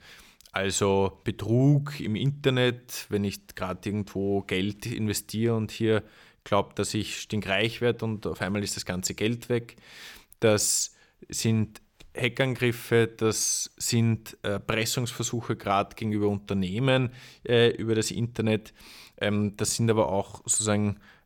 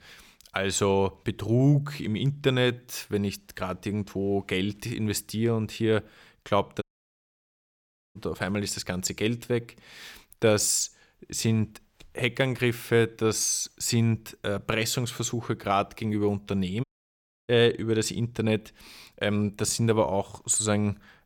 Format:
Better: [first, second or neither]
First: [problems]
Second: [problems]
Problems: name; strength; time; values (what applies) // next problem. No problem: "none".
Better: first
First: none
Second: audio cutting out; at 7 s for 1.5 s and at 17 s for 0.5 s